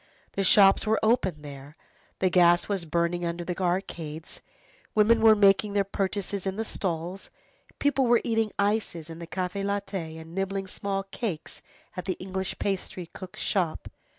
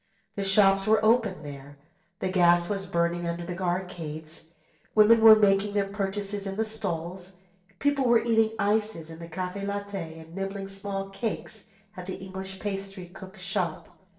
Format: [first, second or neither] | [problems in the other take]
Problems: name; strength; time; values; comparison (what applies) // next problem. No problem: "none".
first | noise reduction (neural separator model SepFormer DNS4)